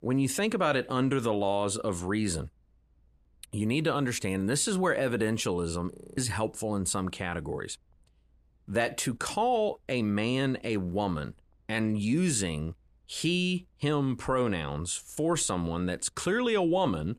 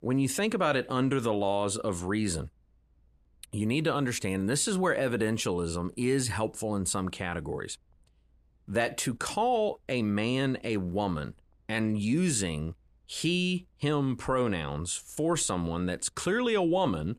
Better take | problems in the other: second | audio freezing; at 6 s

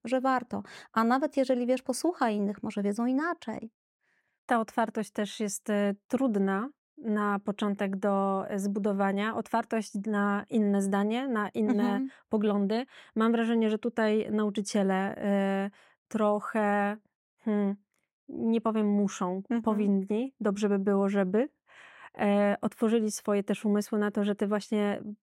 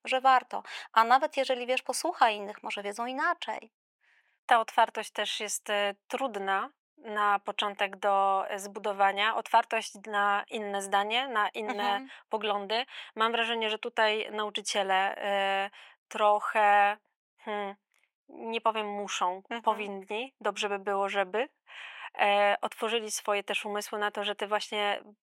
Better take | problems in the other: first | thin; very; fading below 650 Hz

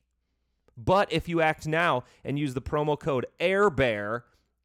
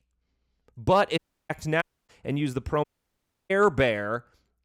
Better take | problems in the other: first | audio cutting out; at 1 s, at 2 s and at 3 s for 0.5 s

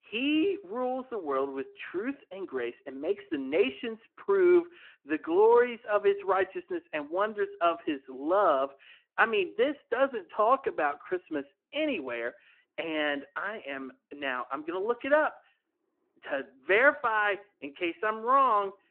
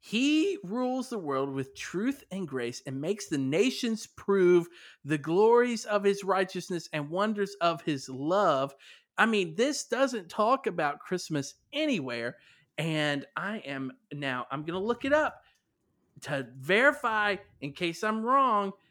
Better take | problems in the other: second | phone-call audio

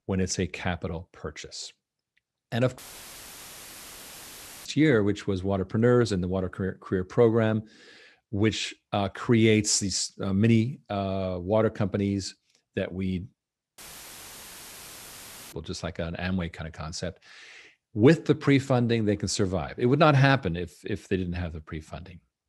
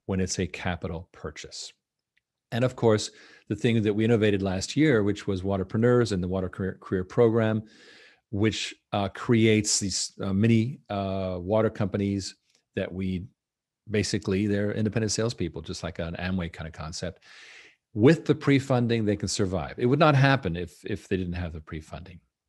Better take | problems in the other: second | audio cutting out; filled with static; at 3 s for 2 s and at 14 s for 2 s

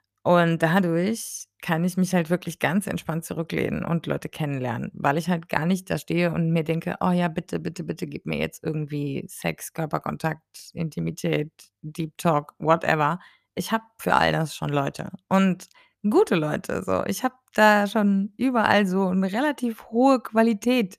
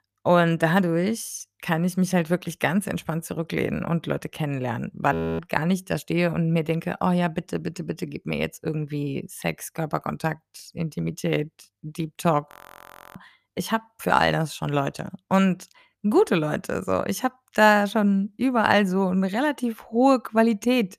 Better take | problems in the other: first | audio freezing; at 5 s and at 12 s for 0.5 s

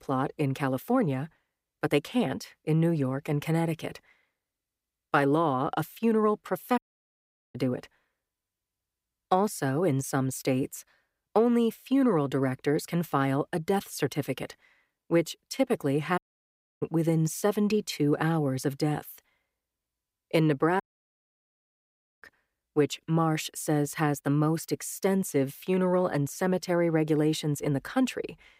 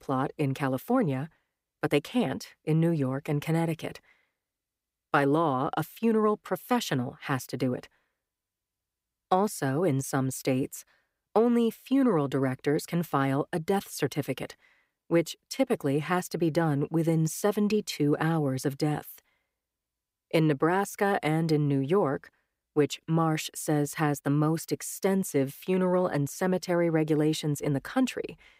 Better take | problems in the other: second | audio cutting out; at 7 s for 1 s, at 16 s for 0.5 s and at 21 s for 1.5 s

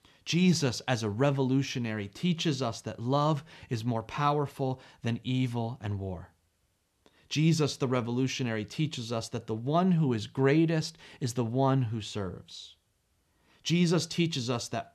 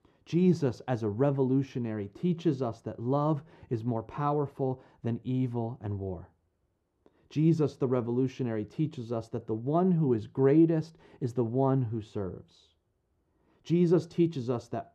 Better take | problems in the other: first | muffled; very; fading above 1.5 kHz

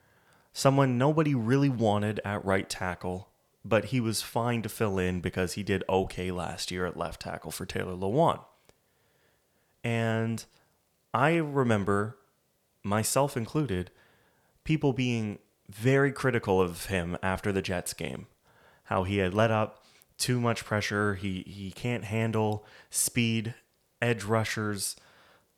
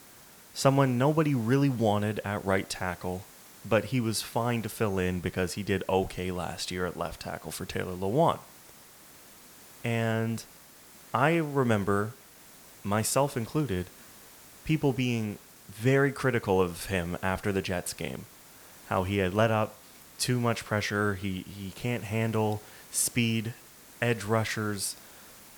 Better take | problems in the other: first | hiss; faint; throughout; 20 dB below the speech

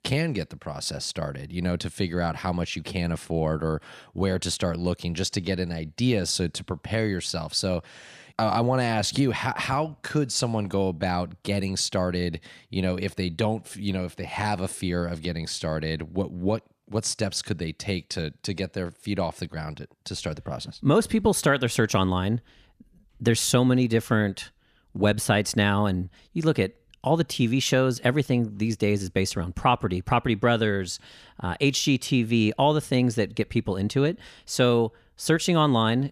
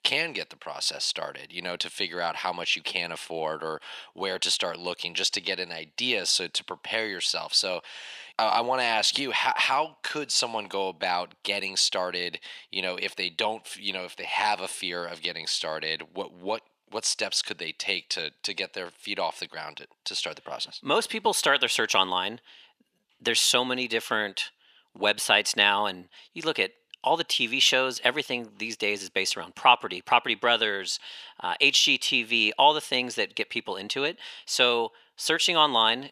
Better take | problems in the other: first | thin; very; fading below 450 Hz

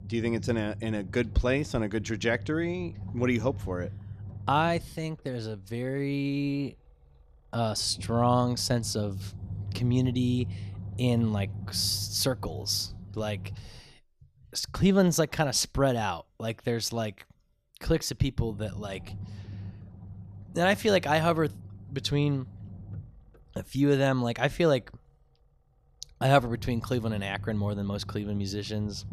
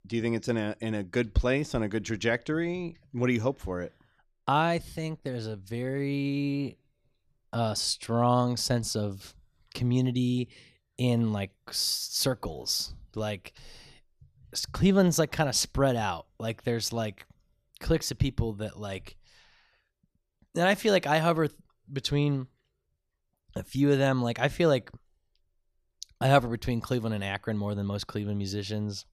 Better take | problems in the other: second | low rumble; faint; until 14 s and from 18 s on; 25 dB below the speech

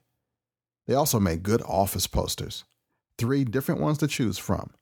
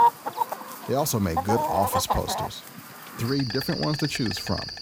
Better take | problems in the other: first | animal sounds; loud; throughout; 2 dB below the speech

